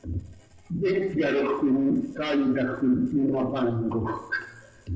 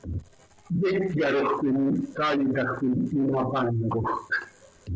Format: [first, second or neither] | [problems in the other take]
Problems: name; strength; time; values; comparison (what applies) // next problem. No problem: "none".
second | room echo; dies away in 0.8 s